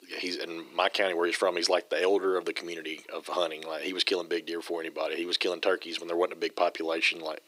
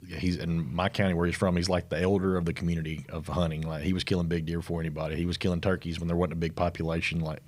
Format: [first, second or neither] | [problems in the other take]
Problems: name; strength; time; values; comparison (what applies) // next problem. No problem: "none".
second | thin; very; fading below 300 Hz